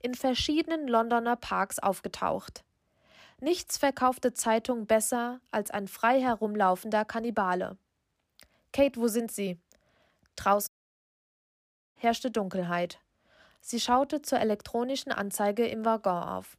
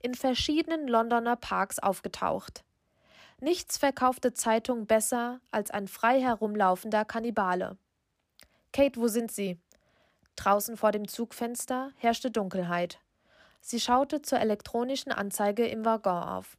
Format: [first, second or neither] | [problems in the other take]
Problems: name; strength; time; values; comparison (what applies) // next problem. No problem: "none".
second | audio cutting out; at 11 s for 1.5 s